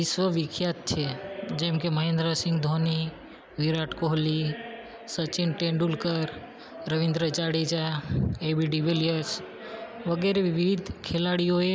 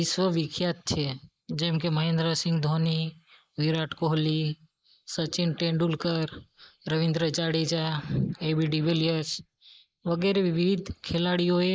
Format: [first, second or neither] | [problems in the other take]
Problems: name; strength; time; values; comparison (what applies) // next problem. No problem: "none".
first | noise reduction (neural mask model Resemble Enhance denoiser)